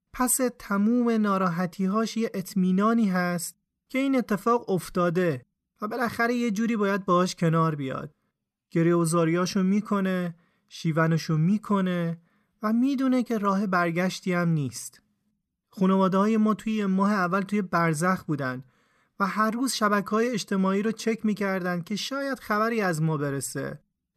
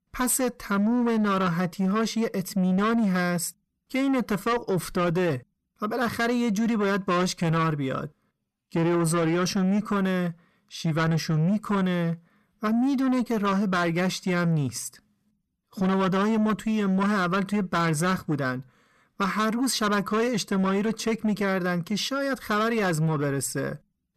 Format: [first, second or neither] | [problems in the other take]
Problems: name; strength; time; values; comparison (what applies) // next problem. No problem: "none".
first | distortion; slight; 10 dB below the speech